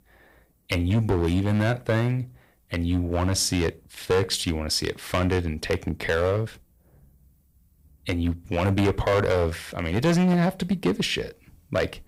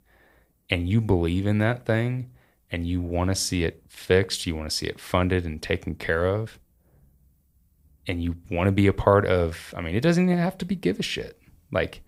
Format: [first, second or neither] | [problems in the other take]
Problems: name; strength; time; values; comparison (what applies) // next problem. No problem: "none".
second | distortion; heavy; 7% of the sound clipped